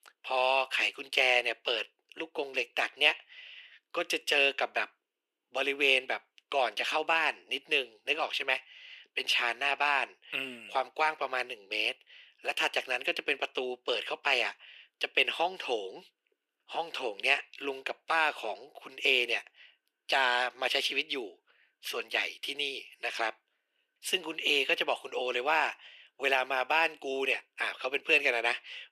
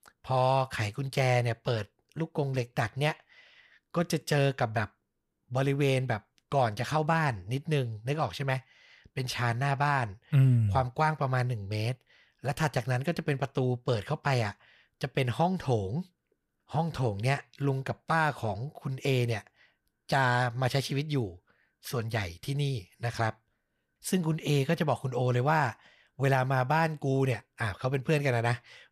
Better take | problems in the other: second | thin; very; fading below 350 Hz

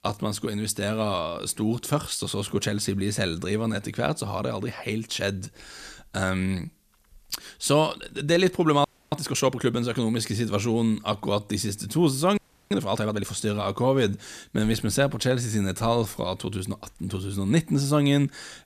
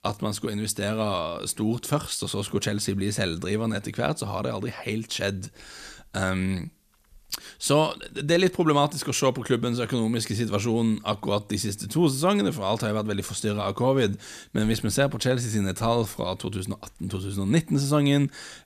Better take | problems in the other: second | audio freezing; at 9 s and at 12 s

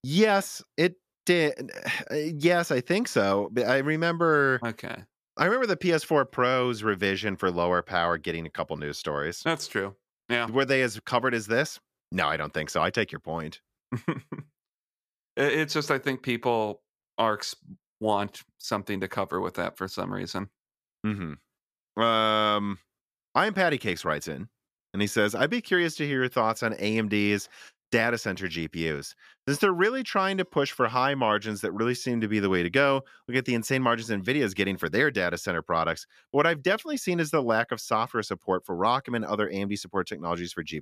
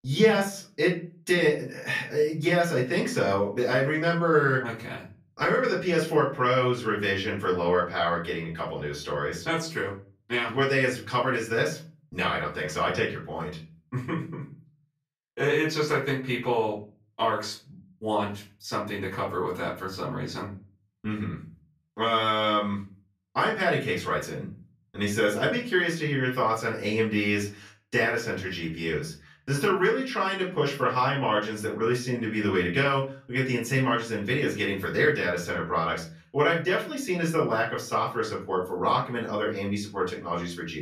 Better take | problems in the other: first | room echo; slight; dies away in 0.4 s // off-mic speech; far

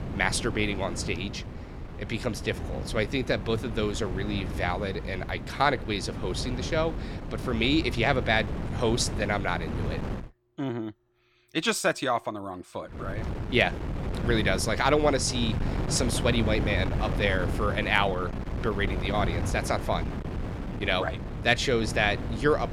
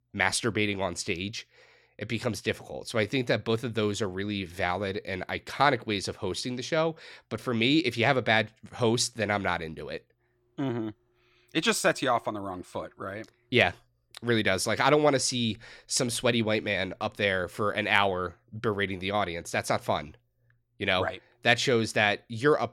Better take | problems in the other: second | wind noise on the microphone; occasional gusts; until 10 s and from 13 s on; 10 dB below the speech

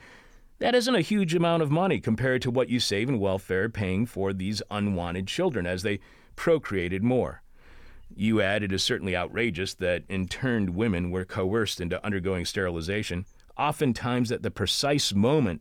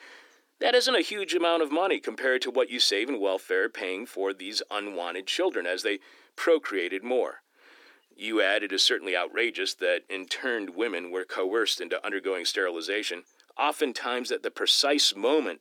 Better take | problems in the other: first | thin; somewhat; fading below 300 Hz

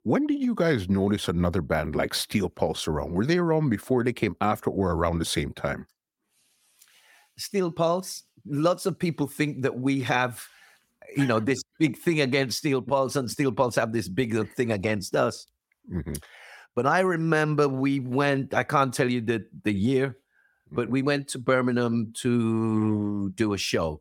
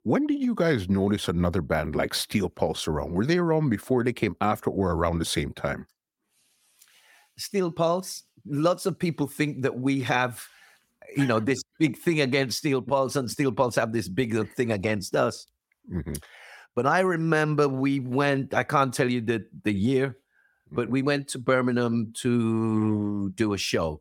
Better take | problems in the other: neither | none

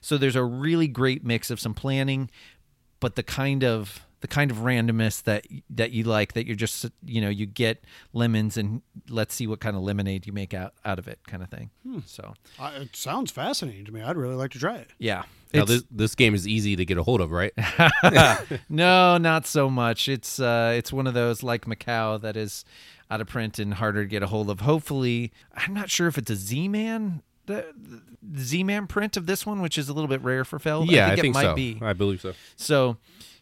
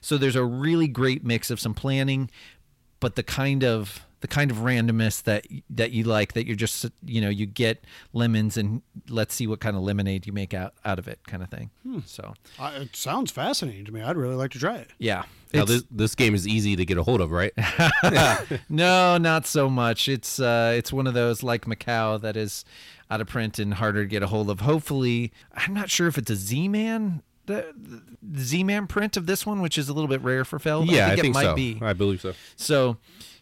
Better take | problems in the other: first | distortion; slight; 10 dB below the speech

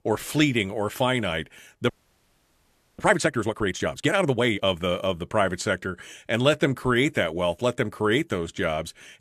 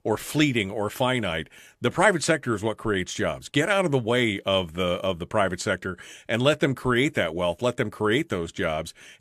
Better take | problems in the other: second | audio freezing; at 2 s for 1 s

